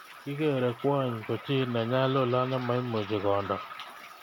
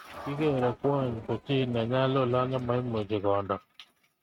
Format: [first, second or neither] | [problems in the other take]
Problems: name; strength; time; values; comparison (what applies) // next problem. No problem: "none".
first | noise reduction (neural mask model RNNoise)